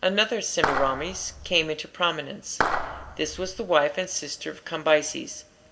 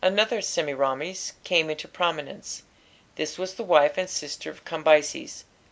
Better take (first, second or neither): second